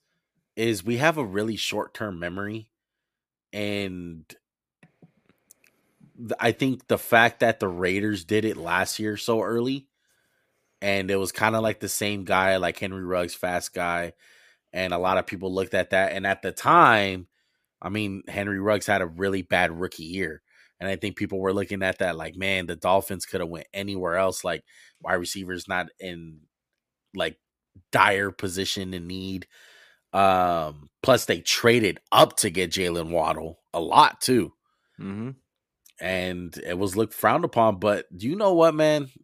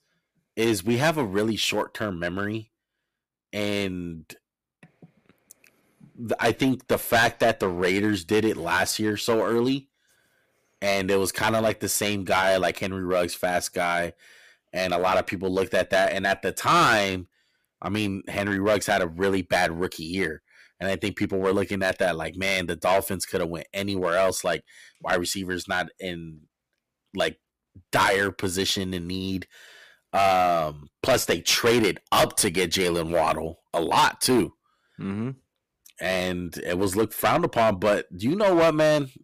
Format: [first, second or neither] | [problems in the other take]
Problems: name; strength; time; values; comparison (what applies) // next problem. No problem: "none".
first | distortion; heavy; 5% of the sound clipped